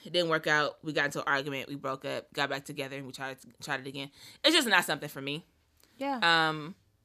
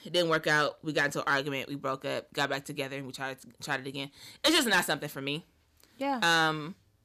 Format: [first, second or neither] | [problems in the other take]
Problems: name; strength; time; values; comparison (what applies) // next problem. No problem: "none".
first | distortion; slight; 1.9% of the sound clipped